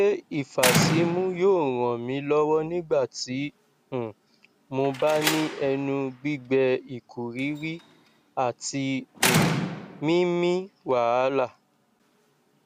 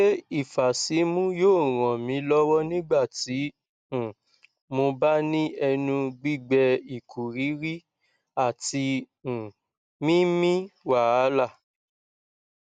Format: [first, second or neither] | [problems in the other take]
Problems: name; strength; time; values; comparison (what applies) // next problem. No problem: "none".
second | background sound (Slam); 6 dB below the speech